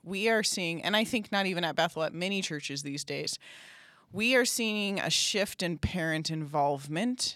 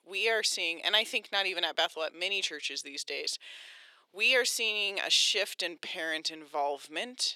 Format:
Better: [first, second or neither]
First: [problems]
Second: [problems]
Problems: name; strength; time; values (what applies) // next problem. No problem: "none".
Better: first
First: none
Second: thin; very; fading below 400 Hz